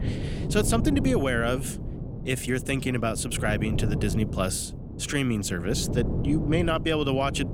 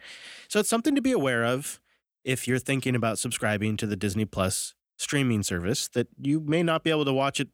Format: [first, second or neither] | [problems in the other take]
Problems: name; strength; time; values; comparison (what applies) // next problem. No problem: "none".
second | wind noise on the microphone; occasional gusts; 10 dB below the speech